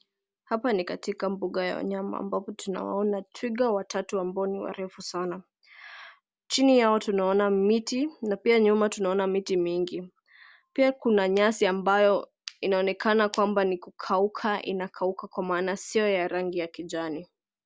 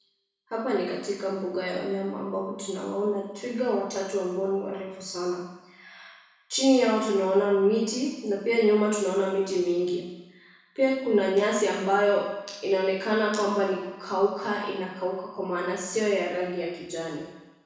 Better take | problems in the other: first | room echo; dies away in 1 s

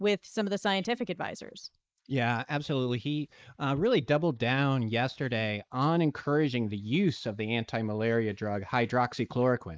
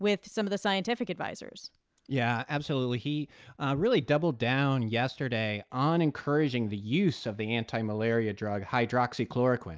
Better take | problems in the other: second | noise reduction (neural mask model Resemble Enhance denoiser)

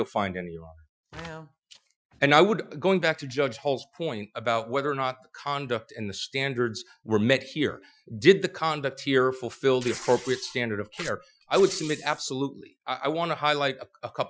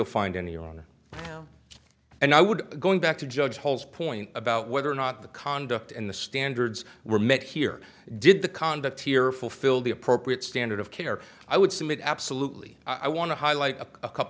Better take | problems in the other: second | noise reduction (classical method Wiener filter)

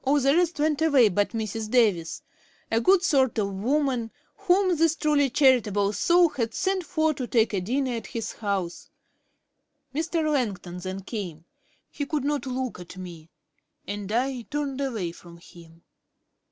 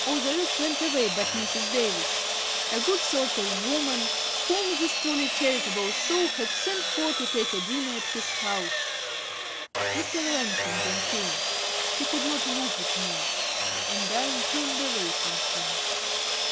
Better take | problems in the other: first | background sound (Sawing); 4 dB above the speech

